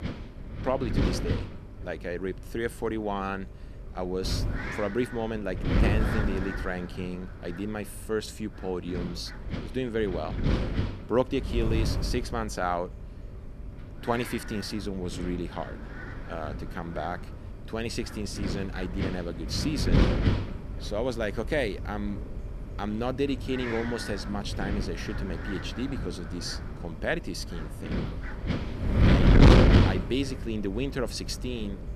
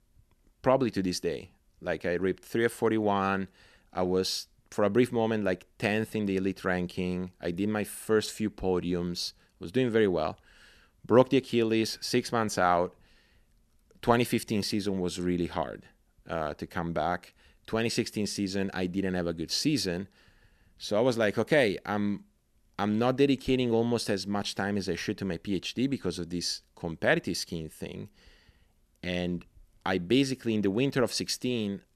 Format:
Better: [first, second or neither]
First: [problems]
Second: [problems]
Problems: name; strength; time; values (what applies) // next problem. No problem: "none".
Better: second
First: wind noise on the microphone; heavy; 1 dB below the speech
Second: none